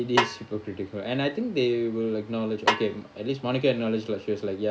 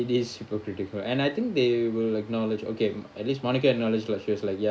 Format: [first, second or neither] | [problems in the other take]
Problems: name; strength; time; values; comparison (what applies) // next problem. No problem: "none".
second | background sound (Snare drum); 3 dB below the speech